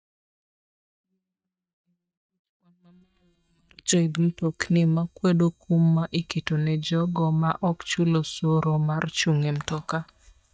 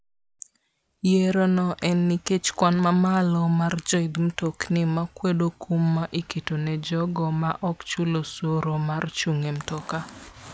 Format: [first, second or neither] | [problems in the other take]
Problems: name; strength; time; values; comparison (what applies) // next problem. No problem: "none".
second | noise reduction (neural mask model DeepFilterNet 3)